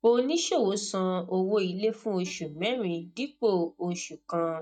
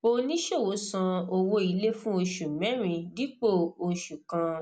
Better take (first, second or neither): second